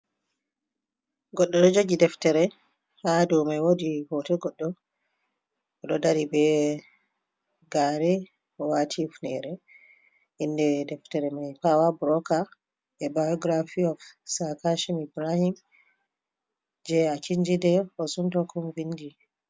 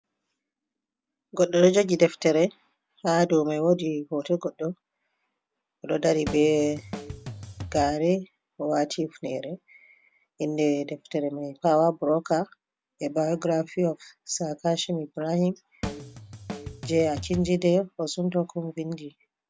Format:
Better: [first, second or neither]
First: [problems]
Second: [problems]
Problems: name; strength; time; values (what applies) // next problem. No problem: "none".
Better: first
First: none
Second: background sound (Drum kit); 10 dB below the speech